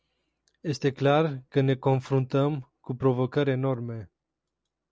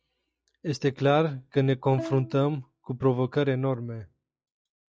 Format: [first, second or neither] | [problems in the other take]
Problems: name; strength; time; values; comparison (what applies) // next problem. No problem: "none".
first | noise reduction (classical method log-MMSE)